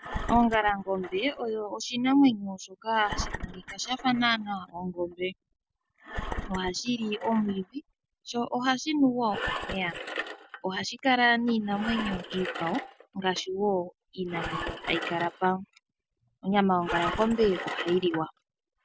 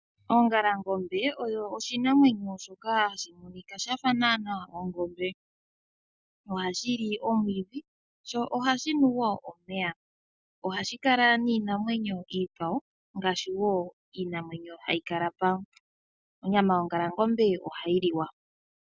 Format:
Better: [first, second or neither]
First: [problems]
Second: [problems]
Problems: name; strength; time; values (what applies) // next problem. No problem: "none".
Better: second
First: background sound (Engine); 10 dB below the speech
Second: none